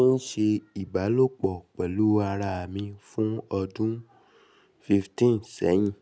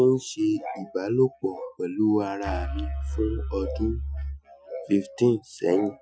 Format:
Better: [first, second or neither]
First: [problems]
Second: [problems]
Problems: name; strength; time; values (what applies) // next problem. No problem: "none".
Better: first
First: none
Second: noise reduction (classical method Wiener filter)